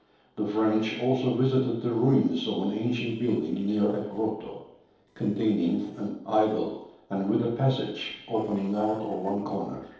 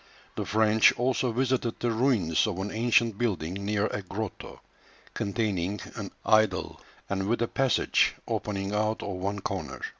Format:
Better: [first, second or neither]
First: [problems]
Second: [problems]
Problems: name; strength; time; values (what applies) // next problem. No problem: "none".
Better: second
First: noise reduction (neural separator model SepFormer DNS4)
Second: none